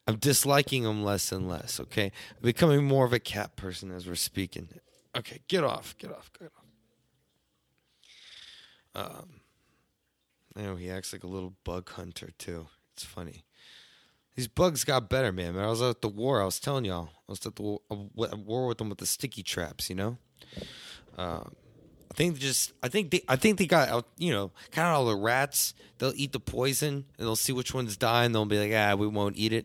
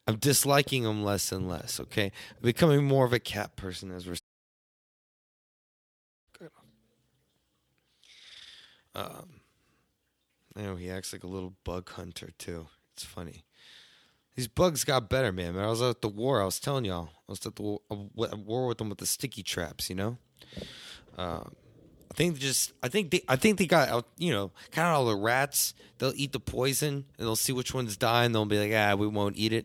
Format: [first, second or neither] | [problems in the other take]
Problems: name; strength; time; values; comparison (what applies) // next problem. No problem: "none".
first | audio cutting out; at 4 s for 2 s